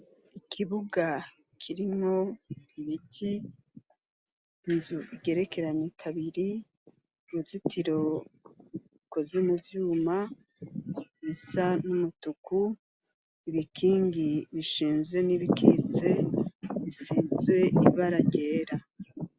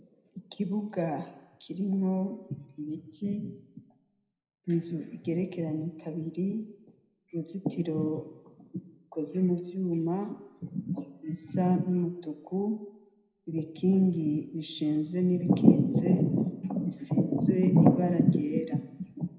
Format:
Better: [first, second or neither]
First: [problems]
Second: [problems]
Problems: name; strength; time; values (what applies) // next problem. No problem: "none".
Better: first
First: none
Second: room echo; dies away in 0.8 s